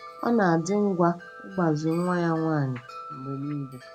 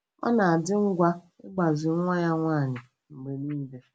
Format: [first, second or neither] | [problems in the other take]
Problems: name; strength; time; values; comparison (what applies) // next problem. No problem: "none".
second | background sound (Wind chime); 18 dB below the speech